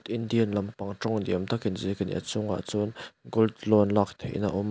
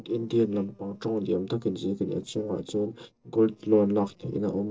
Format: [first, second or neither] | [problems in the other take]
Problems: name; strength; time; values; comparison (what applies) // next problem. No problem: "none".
first | noise reduction (neural separator model SepFormer DNS4)